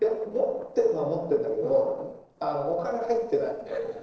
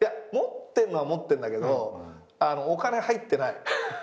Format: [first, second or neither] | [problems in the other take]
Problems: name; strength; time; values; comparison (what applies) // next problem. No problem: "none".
second | noise reduction (neural separator model SepFormer DNS4)